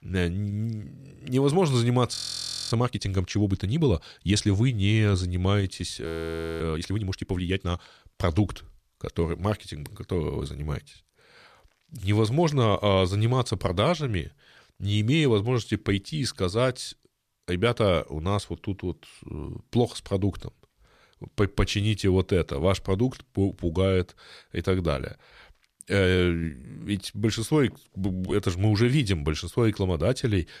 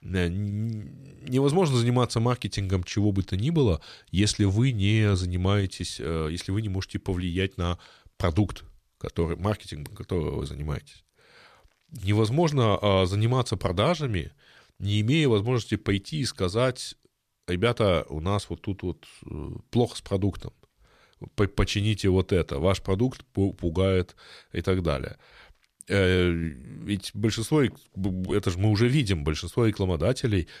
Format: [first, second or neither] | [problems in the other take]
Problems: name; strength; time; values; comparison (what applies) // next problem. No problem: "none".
second | audio freezing; at 2 s for 0.5 s and at 6 s for 0.5 s